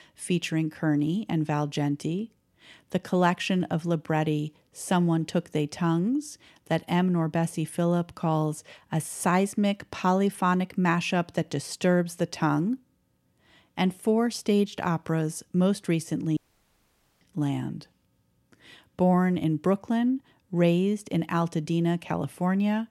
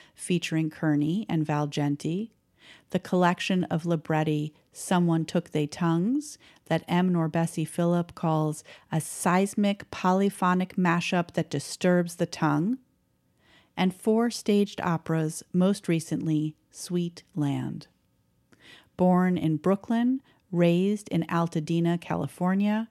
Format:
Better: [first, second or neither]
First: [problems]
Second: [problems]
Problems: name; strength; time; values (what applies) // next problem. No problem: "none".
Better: second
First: audio cutting out; at 16 s for 1 s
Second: none